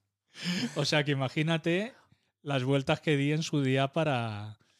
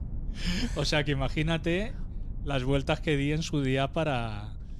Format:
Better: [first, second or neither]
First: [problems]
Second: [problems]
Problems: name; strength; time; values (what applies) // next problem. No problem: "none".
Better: first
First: none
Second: low rumble; faint; throughout; 25 dB below the speech